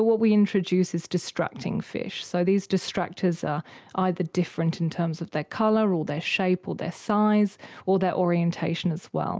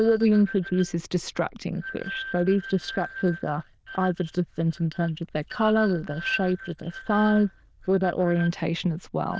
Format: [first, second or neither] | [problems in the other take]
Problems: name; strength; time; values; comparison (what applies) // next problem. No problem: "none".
first | noise reduction (neural diffusion model UNIVERSE++)